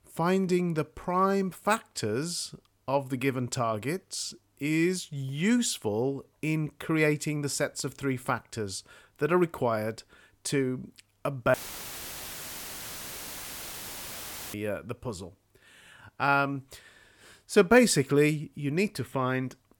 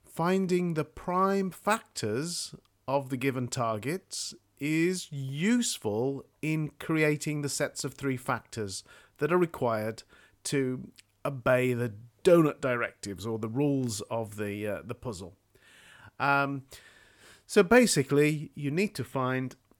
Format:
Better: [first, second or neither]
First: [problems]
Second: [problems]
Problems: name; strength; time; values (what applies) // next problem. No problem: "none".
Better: second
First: audio cutting out; filled with static; at 12 s for 3 s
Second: none